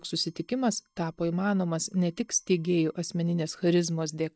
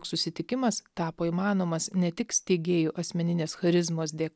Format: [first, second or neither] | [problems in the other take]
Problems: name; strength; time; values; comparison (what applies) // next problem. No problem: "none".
second | noise reduction (neural mask model DeepFilterNet 3)